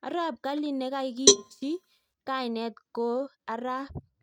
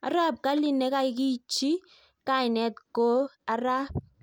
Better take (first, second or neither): second